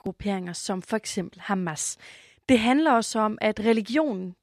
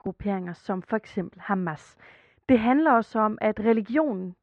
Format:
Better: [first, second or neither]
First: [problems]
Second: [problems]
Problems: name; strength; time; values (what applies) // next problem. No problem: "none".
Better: first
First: none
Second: muffled; very; fading above 1.5 kHz